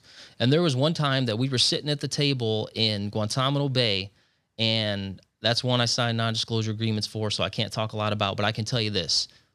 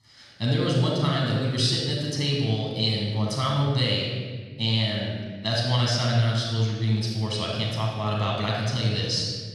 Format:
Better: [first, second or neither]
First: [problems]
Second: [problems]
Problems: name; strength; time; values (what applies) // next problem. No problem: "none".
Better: first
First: none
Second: off-mic speech; far // room echo; noticeable; dies away in 1.5 s